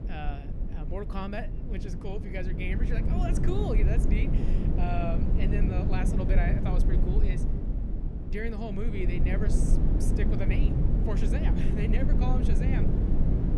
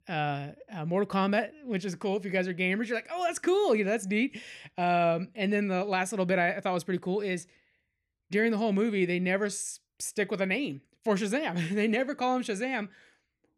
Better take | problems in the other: second | low rumble; loud; throughout; 1 dB below the speech

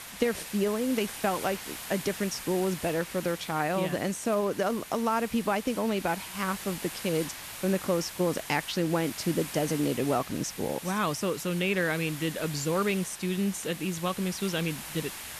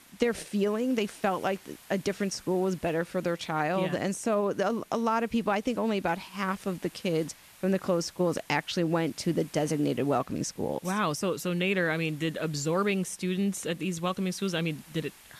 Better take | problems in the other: second | hiss; loud; throughout; 10 dB below the speech; faint in the second

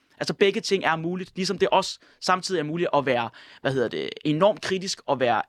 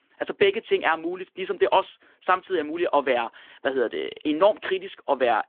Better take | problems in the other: first | phone-call audio

